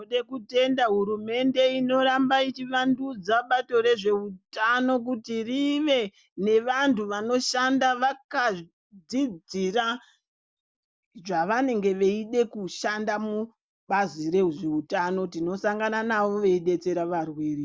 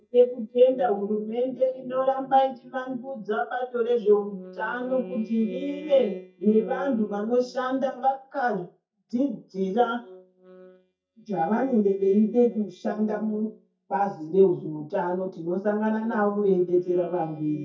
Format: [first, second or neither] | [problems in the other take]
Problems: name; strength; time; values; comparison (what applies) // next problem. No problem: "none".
first | noise reduction (neural mask model DeepFilterNet 3)